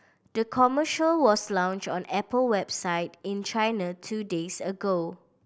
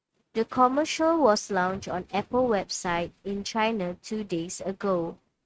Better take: first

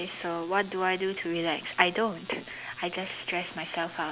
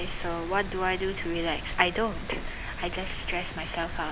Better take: first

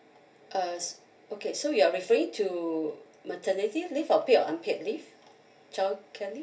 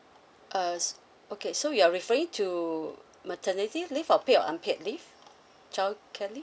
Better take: second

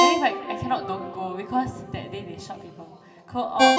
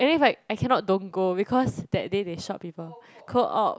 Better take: second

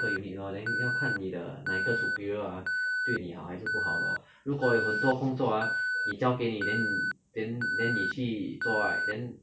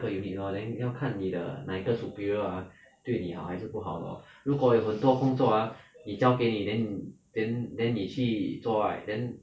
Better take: second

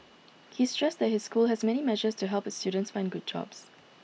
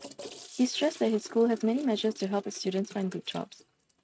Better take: first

